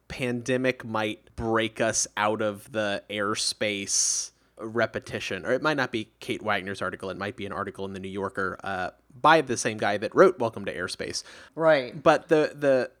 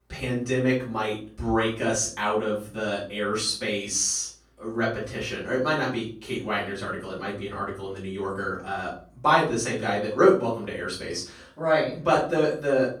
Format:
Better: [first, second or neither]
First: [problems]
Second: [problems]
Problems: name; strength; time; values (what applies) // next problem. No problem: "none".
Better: first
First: none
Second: off-mic speech; far // room echo; slight; dies away in 0.4 s